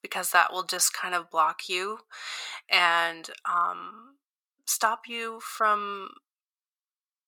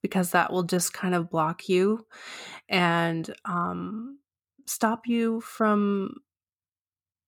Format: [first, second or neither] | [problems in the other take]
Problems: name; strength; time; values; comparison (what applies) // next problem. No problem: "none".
second | thin; very; fading below 900 Hz